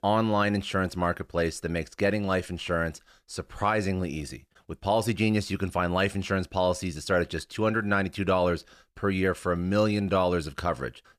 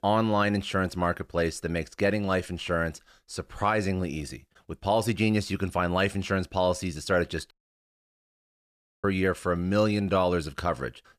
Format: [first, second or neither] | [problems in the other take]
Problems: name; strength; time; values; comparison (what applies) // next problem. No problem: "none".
first | audio cutting out; at 7.5 s for 1.5 s